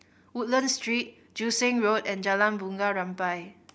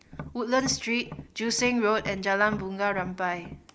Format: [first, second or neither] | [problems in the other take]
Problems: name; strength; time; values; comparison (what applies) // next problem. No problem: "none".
first | background sound (Tap); 15 dB below the speech